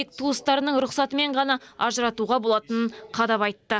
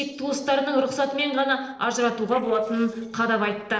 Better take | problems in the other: first | noise reduction (neural separator model SepFormer DNS4)

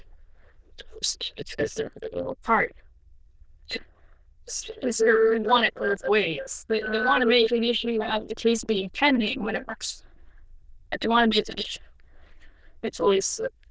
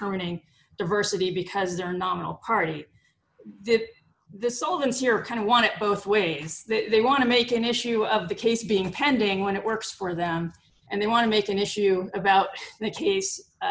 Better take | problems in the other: second | noise reduction (neural diffusion model UNIVERSE++)

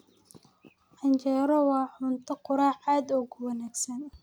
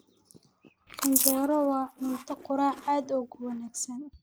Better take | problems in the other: first | noise reduction (neural mask model Resemble Enhance denoiser)

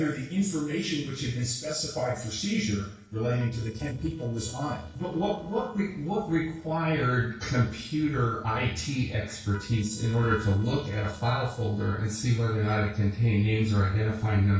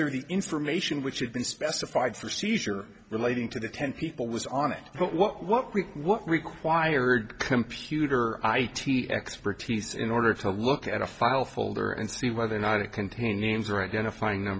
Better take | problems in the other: second | noise reduction (neural separator model SepFormer DNS4)

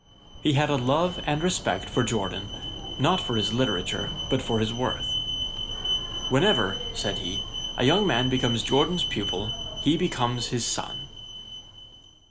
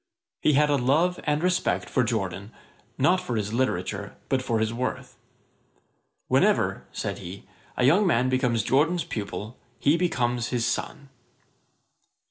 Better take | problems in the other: second | background sound (Alarm); 5 dB below the speech

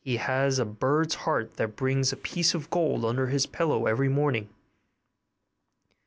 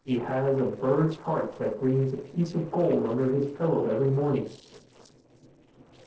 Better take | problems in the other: first | noise reduction (neural separator model SepFormer DNS4)

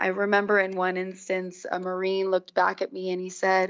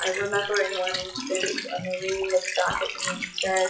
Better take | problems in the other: first | noise reduction (classical method WPE with log-MMSE)

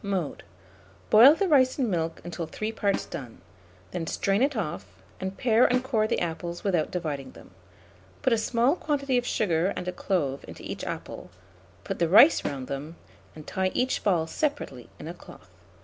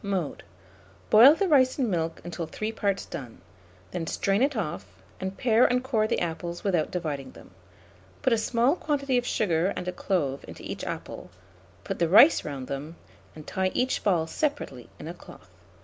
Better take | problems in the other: second | background sound (Snare drum); 14 dB below the speech

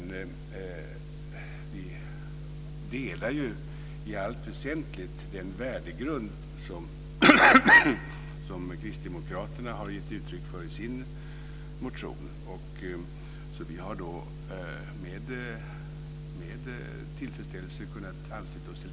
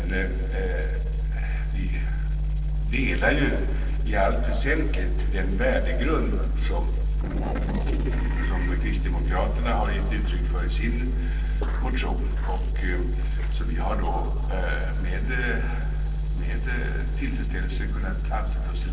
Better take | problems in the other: first | noise reduction (neural separator model SepFormer DNS4)

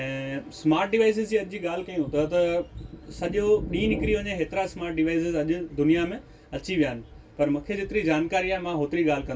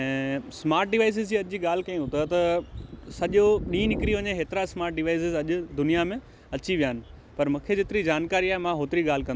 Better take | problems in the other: second | room echo; dies away in 0.2 s

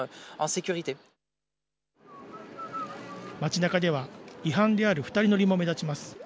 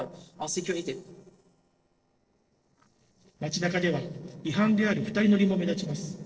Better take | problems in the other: first | noise reduction (neural separator model SepFormer DNS4)

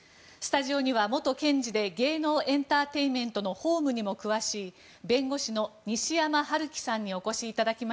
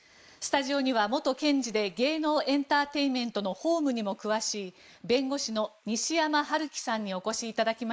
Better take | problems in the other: first | noise reduction (neural mask model Resemble Enhance denoiser)

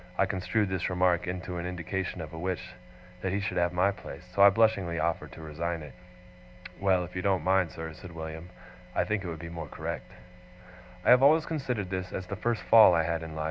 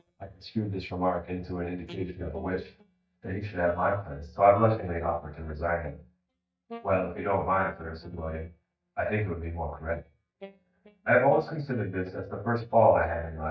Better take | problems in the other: first | noise reduction (neural mask model DeepFilterNet 3)

